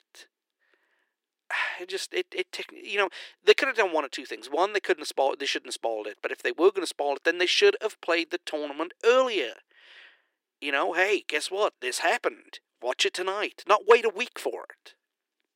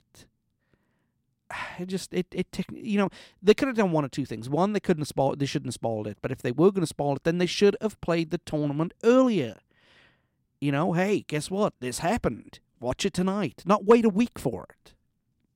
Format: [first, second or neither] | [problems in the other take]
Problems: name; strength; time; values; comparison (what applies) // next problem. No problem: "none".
second | thin; very; fading below 350 Hz